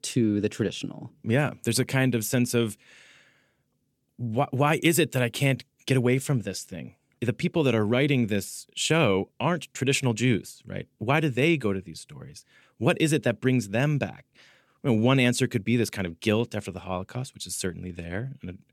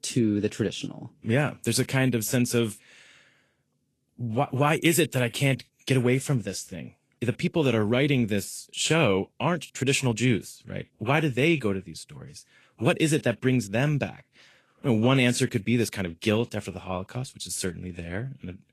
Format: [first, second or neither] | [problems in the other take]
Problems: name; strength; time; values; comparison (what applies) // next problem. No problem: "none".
first | garbled, watery; slightly; nothing above 12.5 kHz